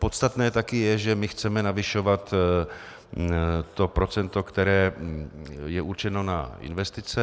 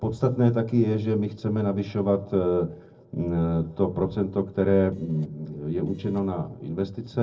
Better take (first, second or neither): first